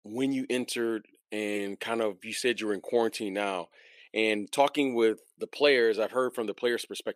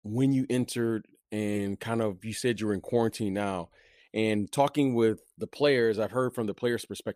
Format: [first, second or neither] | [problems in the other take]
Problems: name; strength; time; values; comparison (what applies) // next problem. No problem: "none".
second | thin; very slightly; fading below 350 Hz